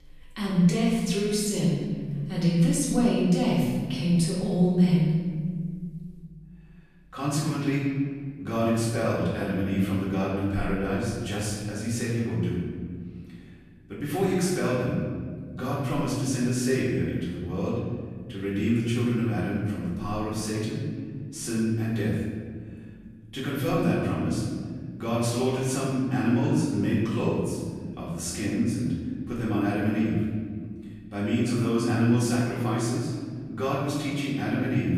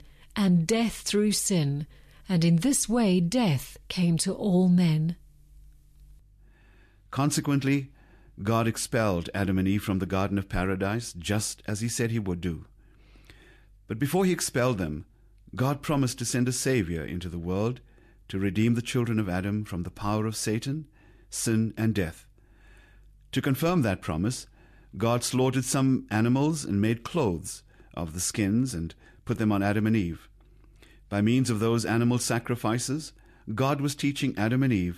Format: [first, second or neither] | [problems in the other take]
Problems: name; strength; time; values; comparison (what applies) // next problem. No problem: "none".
second | room echo; strong; dies away in 1.8 s // off-mic speech; far